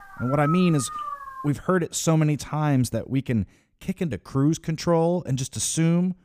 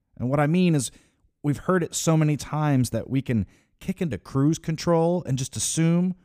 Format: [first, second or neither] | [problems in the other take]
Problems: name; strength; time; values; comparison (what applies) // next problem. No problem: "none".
second | dog barking; noticeable; until 1.5 s; peak 7 dB below the speech